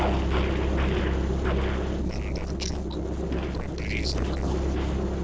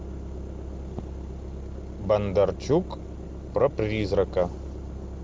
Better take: second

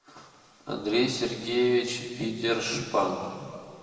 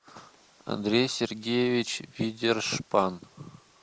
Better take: second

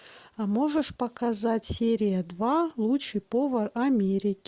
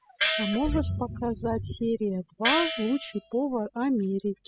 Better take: first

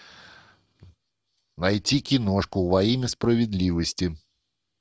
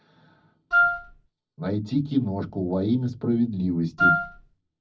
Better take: first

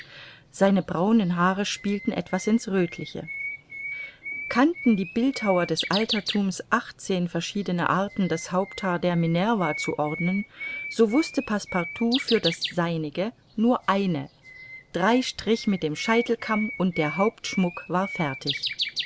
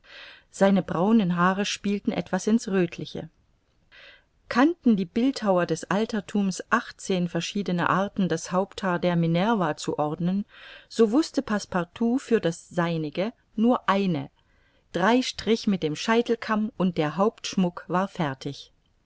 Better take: second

